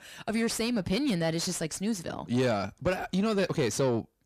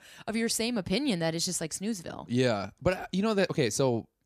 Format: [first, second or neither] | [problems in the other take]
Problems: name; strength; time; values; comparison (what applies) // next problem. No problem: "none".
second | distortion; slight; 10 dB below the speech